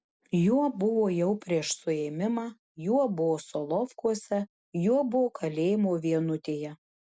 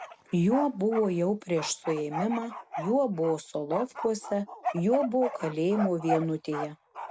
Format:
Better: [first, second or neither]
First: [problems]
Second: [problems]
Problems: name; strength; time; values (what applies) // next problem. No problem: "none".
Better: first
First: none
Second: background sound (Bark); 9 dB below the speech